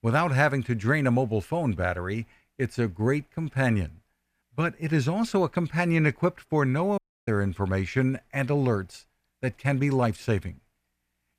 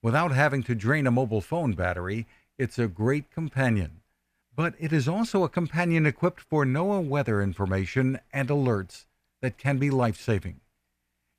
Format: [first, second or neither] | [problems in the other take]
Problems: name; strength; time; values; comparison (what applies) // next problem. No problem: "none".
second | audio cutting out; at 7 s